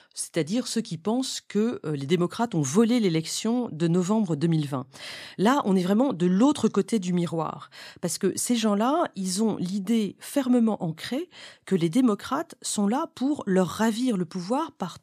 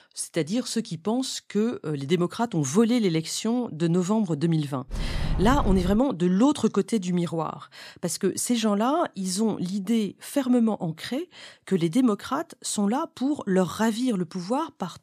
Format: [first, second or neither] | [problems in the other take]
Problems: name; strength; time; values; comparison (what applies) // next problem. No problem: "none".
first | door banging; noticeable; from 5 to 6 s; peak 4 dB below the speech